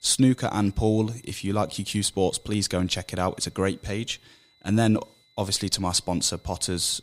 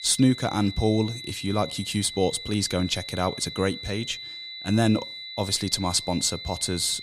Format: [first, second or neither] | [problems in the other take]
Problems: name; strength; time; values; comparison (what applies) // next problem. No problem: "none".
first | high-pitched whine; loud; throughout; 4 kHz, 10 dB below the speech; faint in the first